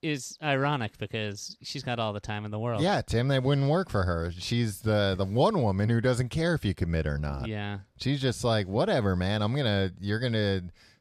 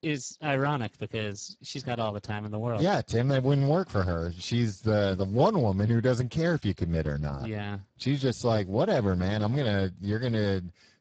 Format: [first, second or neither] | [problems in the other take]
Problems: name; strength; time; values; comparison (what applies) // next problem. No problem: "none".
first | garbled, watery; badly; nothing above 7.5 kHz